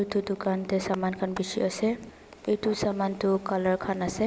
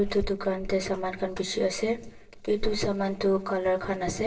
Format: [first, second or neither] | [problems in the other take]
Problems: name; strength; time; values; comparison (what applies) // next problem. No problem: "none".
first | noise reduction (neural separator model SepFormer DNS4)